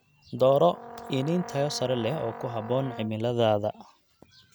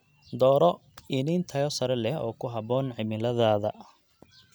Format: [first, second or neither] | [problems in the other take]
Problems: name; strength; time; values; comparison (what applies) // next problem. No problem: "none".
second | background sound (Brass instrument); 14 dB below the speech